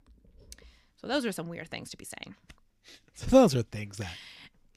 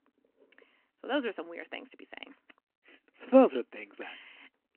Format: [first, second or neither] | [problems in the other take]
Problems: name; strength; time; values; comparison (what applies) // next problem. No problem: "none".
first | phone-call audio